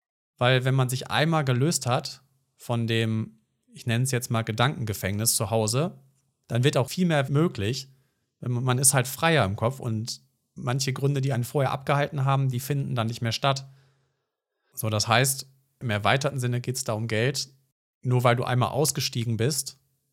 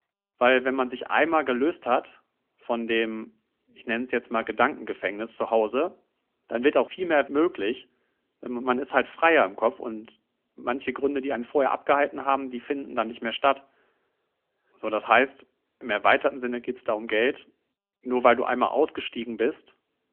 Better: first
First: none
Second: phone-call audio; nothing above 3 kHz

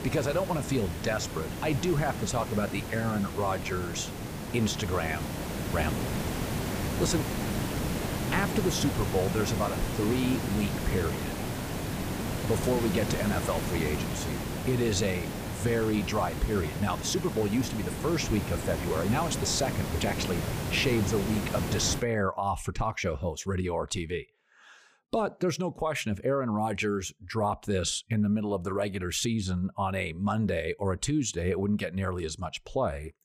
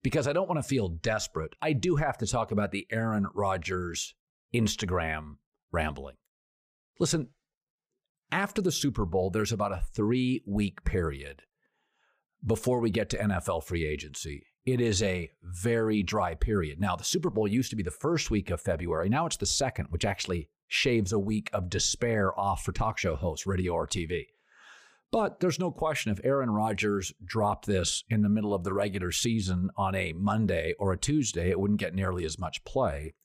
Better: second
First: hiss; loud; until 22 s; 3 dB below the speech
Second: none

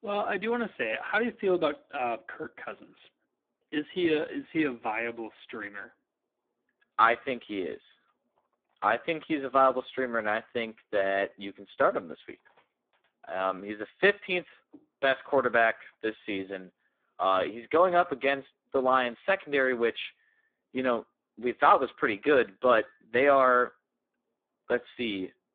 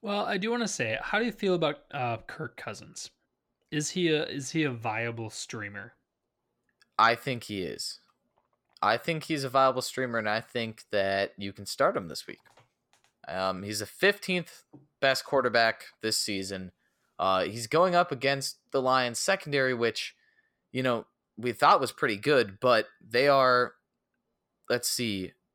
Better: second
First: phone-call audio; poor line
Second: none

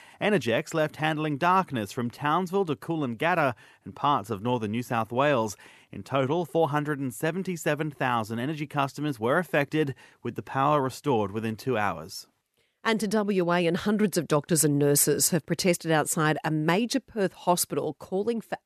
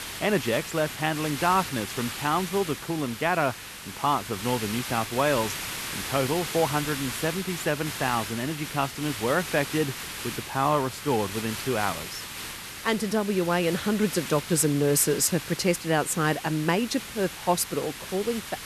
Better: first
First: none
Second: hiss; loud; throughout; 8 dB below the speech

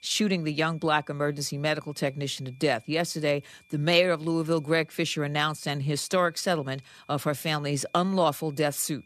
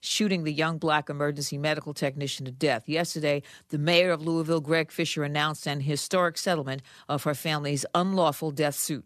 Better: second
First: high-pitched whine; faint; throughout; 2.5 kHz, 30 dB below the speech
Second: none

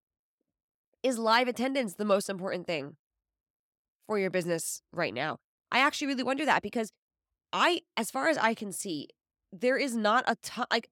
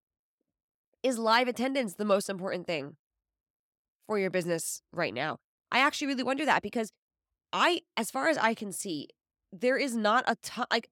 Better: neither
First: none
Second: none

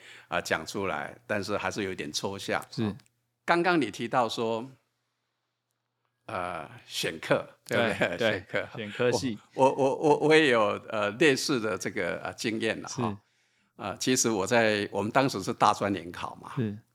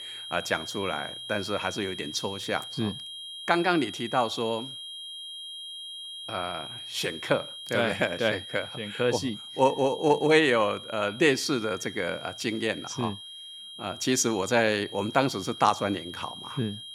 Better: first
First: none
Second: high-pitched whine; noticeable; throughout; 3 kHz, 10 dB below the speech

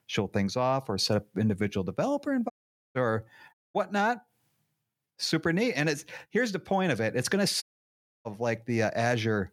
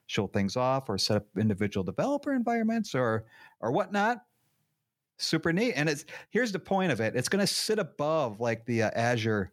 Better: second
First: audio cutting out; at 2.5 s, at 3.5 s and at 7.5 s for 0.5 s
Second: none

